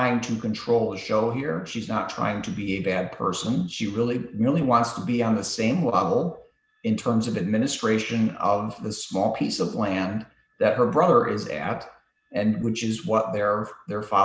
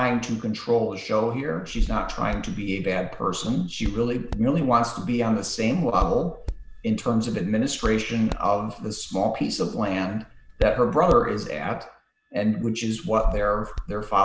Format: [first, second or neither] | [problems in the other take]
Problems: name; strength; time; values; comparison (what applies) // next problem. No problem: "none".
first | background sound (Hands); 9 dB below the speech